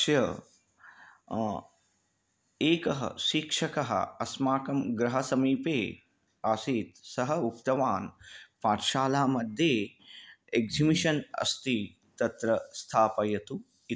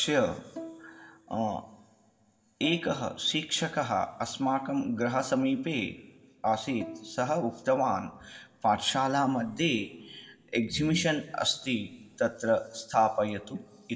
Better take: first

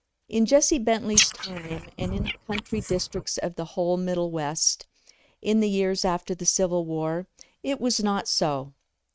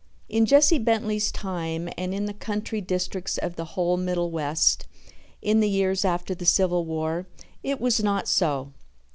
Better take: second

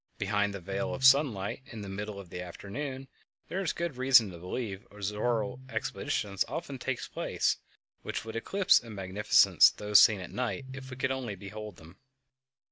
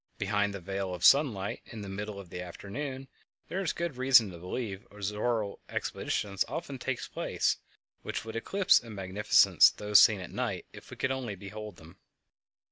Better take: second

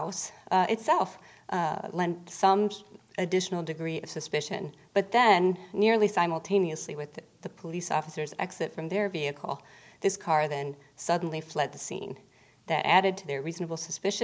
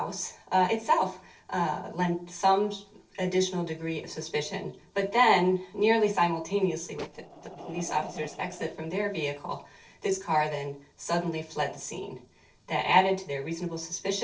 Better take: first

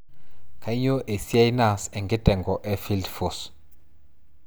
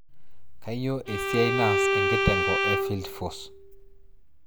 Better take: first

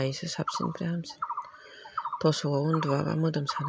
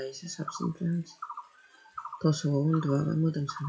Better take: first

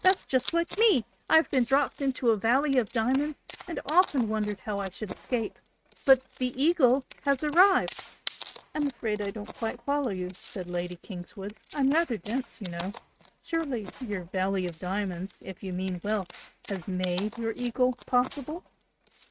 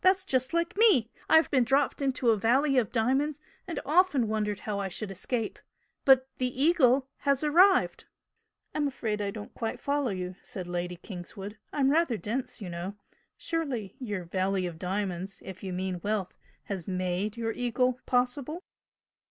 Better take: second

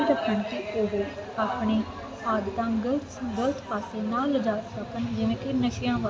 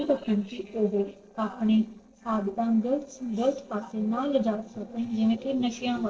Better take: first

